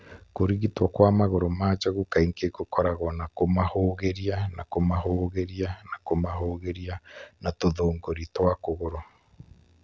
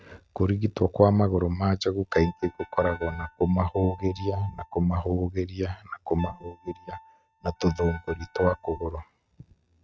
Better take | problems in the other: first | noise reduction (neural mask model RNNoise)

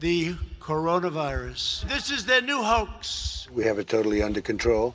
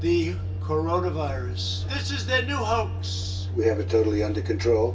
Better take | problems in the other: first | background sound (Microwave oven); 3 dB below the speech // room echo; dies away in 0.2 s

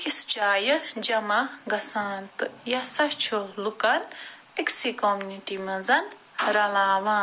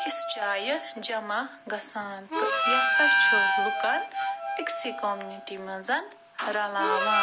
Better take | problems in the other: first | background sound (Harmonica); 4 dB above the speech

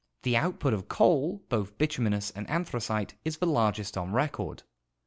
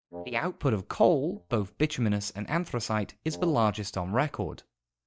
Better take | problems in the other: first | noise reduction (neural mask model DeepFilterNet 3)

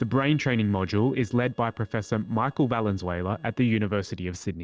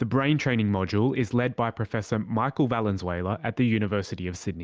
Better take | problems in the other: second | noise reduction (neural separator model SepFormer DNS4)

